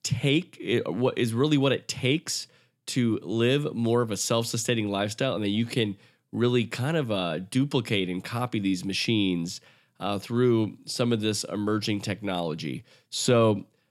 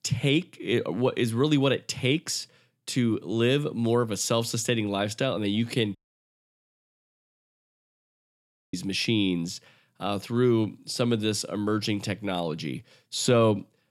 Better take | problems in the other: first | audio cutting out; at 6 s for 3 s

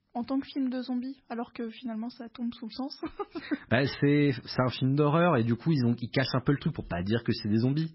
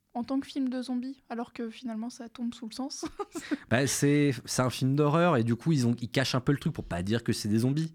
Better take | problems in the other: second | garbled, watery; badly; nothing above 5.5 kHz

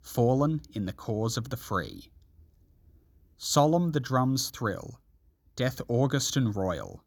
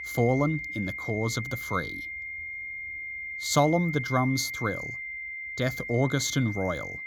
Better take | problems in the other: first | high-pitched whine; loud; throughout; 2 kHz, 6 dB below the speech

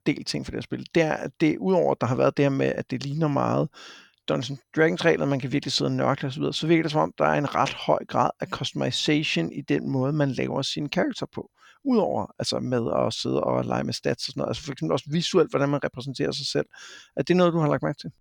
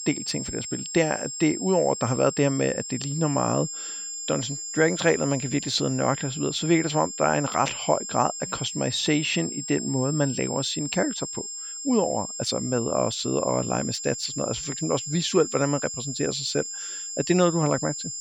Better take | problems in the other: first | high-pitched whine; loud; throughout; 7.5 kHz, 6 dB below the speech

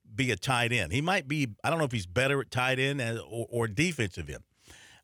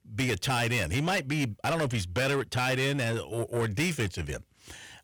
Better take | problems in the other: first | distortion; heavy; 8 dB below the speech

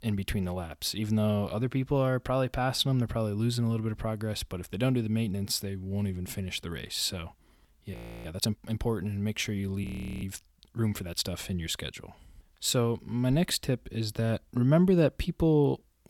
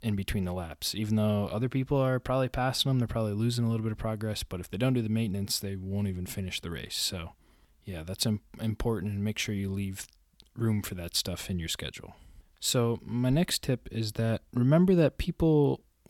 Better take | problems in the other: second | audio freezing; at 8 s and at 10 s

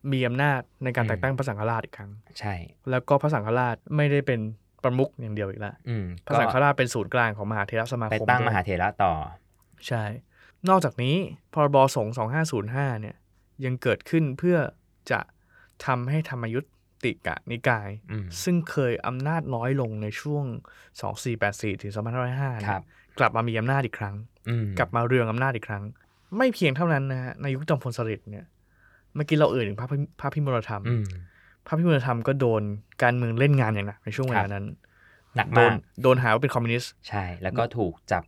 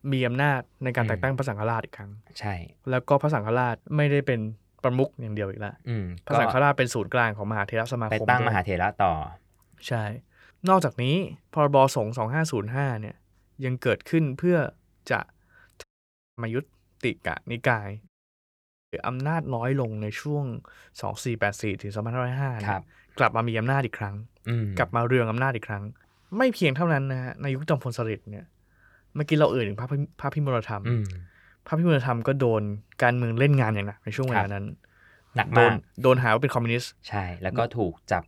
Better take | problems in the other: first | audio cutting out; at 16 s for 0.5 s and at 18 s for 1 s

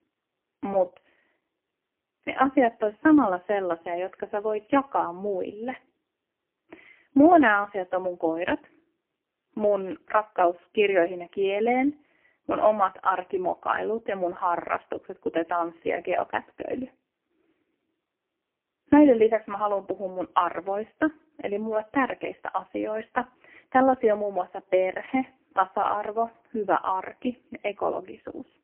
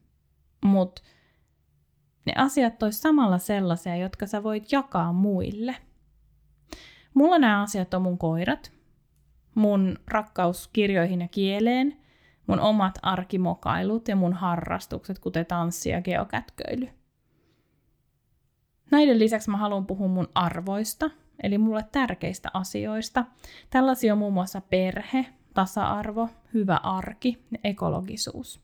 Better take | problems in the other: second | phone-call audio; poor line; nothing above 3 kHz

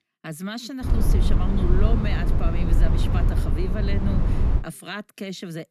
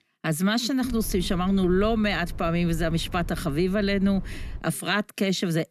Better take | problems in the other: second | low rumble; loud; from 1 to 4.5 s; 1 dB below the speech; faint in the second

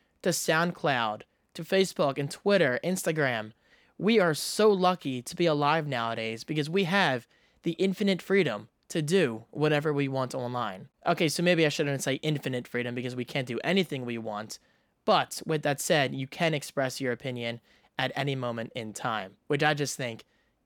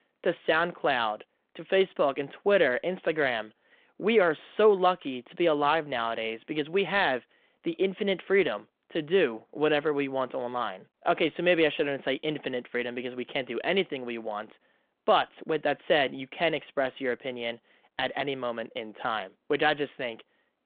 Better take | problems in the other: first | phone-call audio

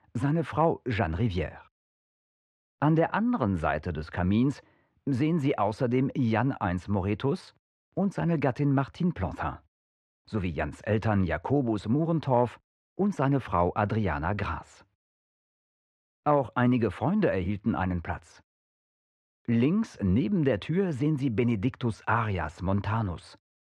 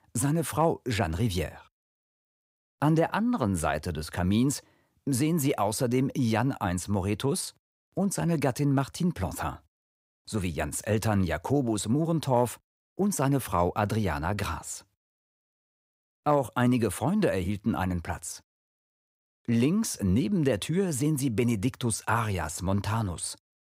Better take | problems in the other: second | muffled; very; fading above 2 kHz

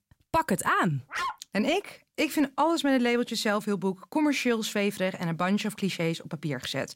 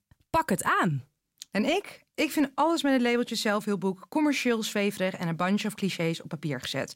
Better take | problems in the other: second | dog barking; noticeable; at 1 s; peak 5 dB below the speech

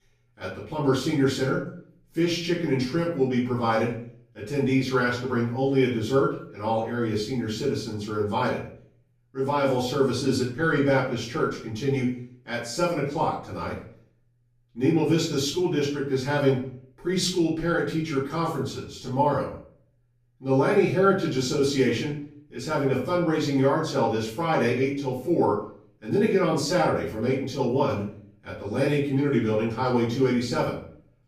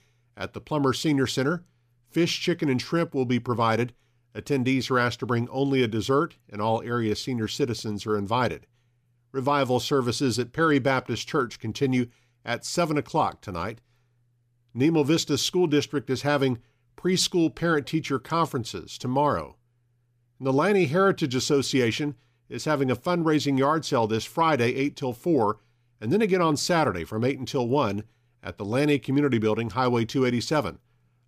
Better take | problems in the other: second | off-mic speech; far // room echo; noticeable; dies away in 0.4 s

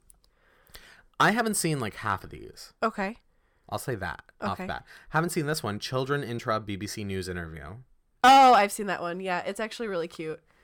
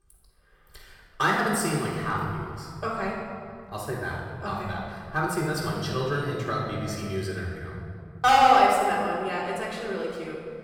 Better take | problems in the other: first | off-mic speech; far // room echo; noticeable; dies away in 2.1 s

